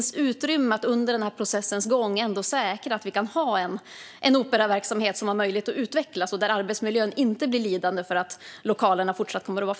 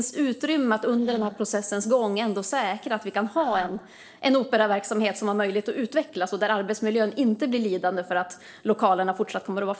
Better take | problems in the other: first | noise reduction (neural separator model SepFormer DNS4)

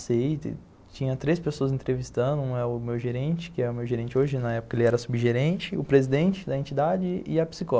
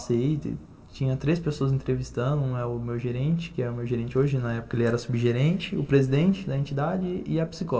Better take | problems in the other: first | room echo; dies away in 1.8 s

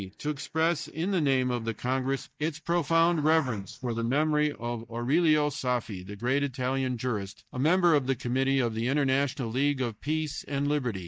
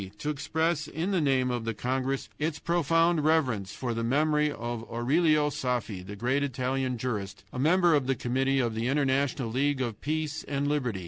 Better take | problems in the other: second | noise reduction (neural mask model DeepFilterNet 3)

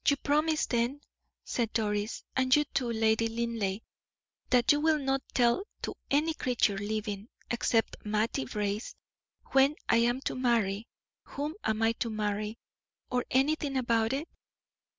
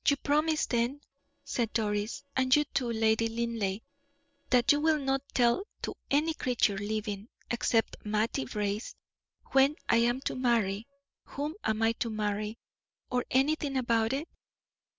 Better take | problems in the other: first | noise reduction (neural separator model SepFormer DNS4)

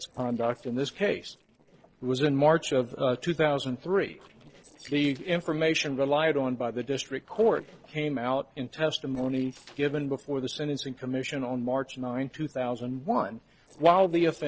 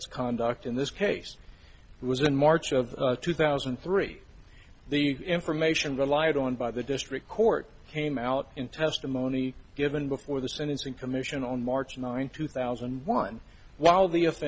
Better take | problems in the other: second | noise reduction (neural separator model SepFormer DNS4)

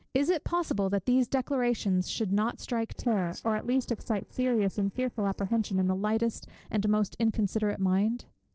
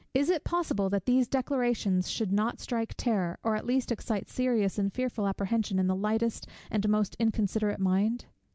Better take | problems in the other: second | noise reduction (neural separator model SepFormer DNS4)

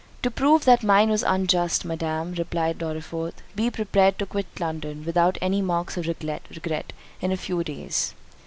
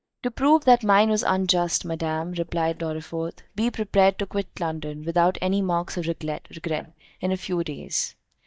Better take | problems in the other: first | noise reduction (neural mask model DeepFilterNet 3)

